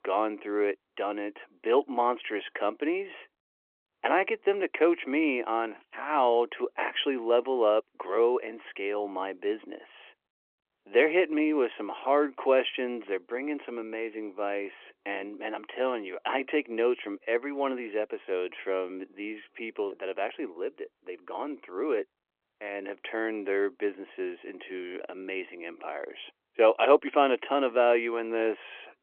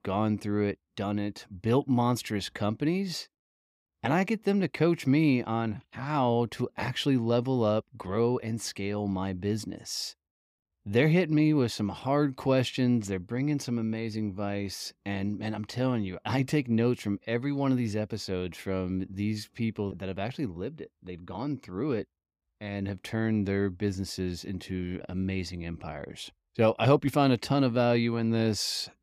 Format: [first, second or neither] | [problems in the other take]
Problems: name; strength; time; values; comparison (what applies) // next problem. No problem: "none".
second | phone-call audio